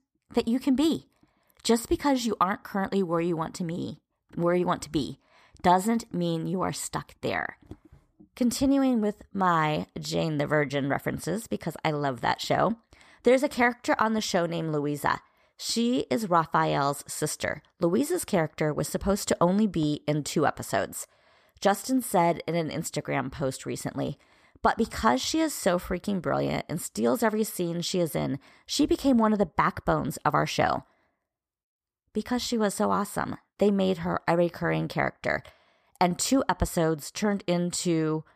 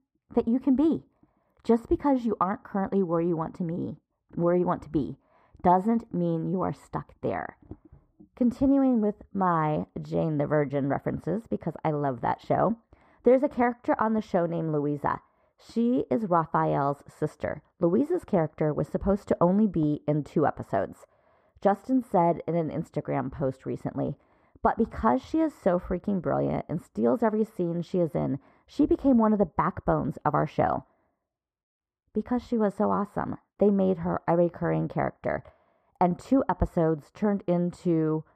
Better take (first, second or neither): first